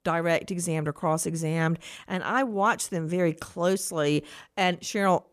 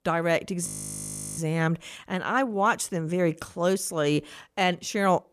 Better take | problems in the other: first | audio freezing; at 0.5 s for 0.5 s

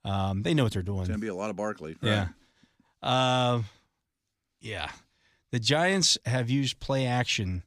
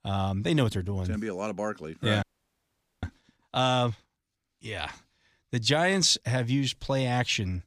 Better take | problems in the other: first | audio freezing; at 2 s for 1 s

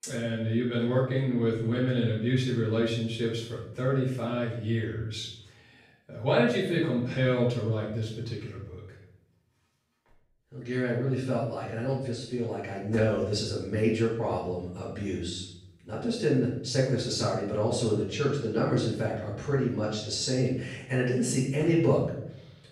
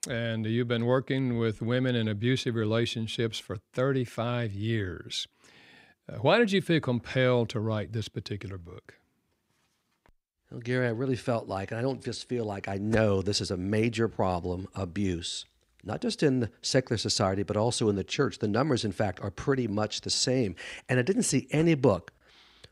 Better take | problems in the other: second | off-mic speech; far // room echo; noticeable; dies away in 0.7 s

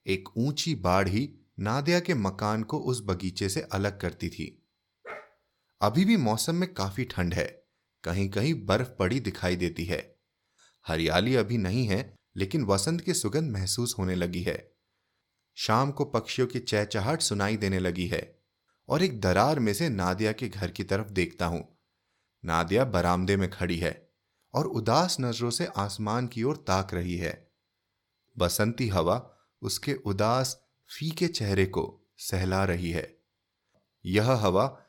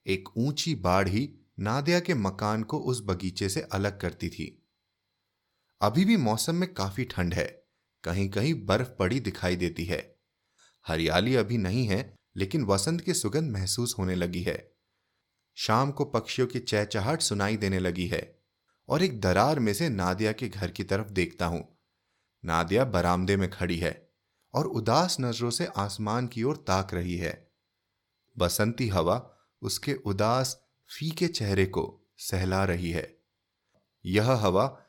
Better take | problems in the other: second | dog barking; faint; at 5 s; peak 15 dB below the speech

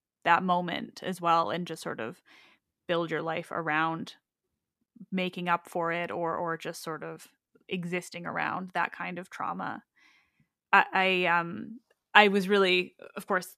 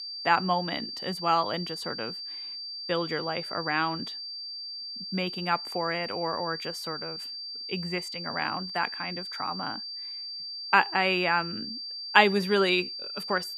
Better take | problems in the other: first | high-pitched whine; loud; throughout; 4.5 kHz, 7 dB below the speech

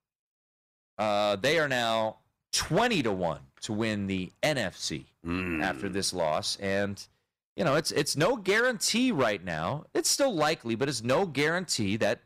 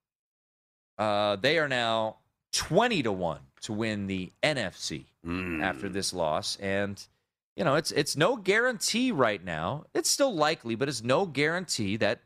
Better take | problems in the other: second | distortion; slight; 4% of the sound clipped

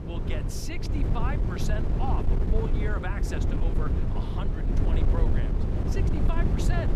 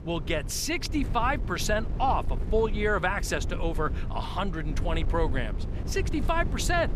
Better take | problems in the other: second | wind noise on the microphone; heavy; as loud as the speech; occasional gusts in the second

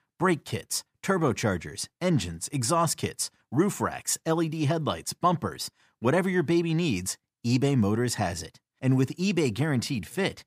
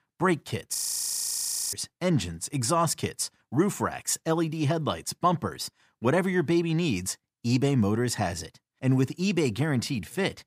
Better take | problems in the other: first | audio freezing; at 1 s for 1 s

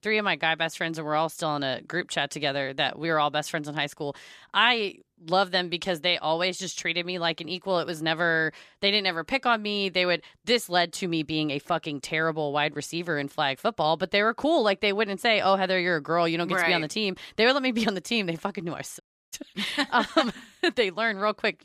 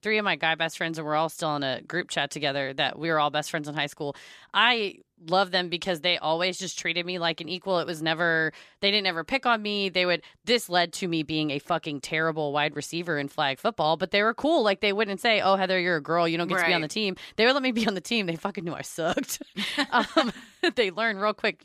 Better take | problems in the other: second | audio cutting out; at 19 s

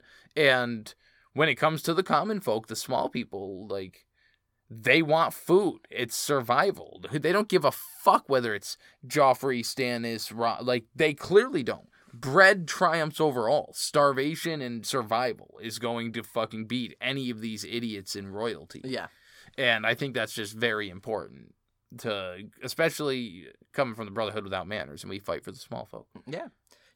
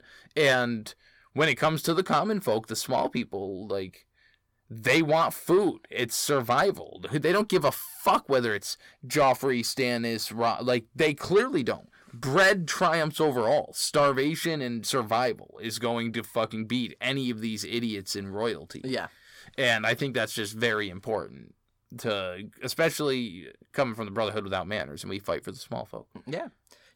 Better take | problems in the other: first | distortion; slight; 10 dB below the speech

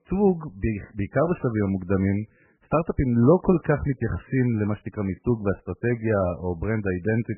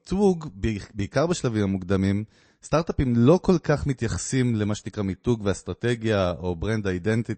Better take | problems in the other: second | garbled, watery; badly; nothing above 2.5 kHz; slightly in the second

